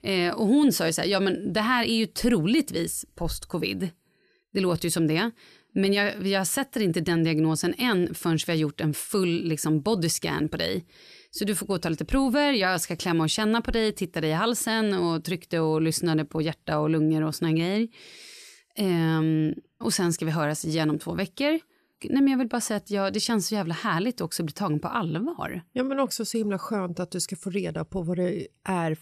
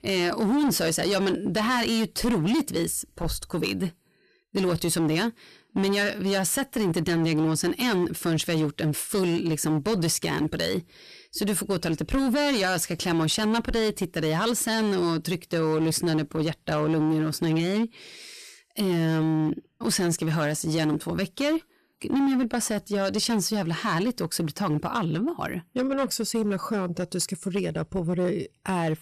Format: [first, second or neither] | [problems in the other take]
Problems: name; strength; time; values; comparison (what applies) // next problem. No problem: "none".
first | distortion; slight; 13% of the sound clipped